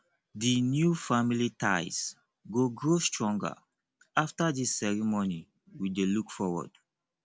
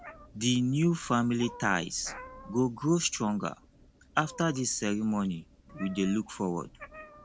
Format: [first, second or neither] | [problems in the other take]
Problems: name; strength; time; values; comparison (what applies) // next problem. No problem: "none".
first | background sound (Meow); 20 dB below the speech